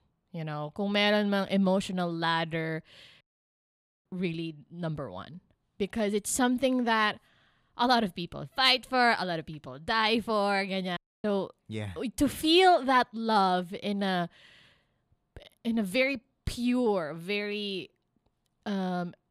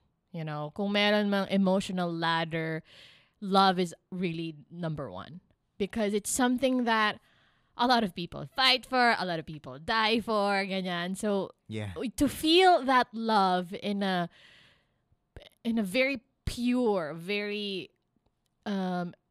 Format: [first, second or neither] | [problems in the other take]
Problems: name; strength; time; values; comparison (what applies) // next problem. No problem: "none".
second | audio cutting out; at 3 s for 1 s and at 11 s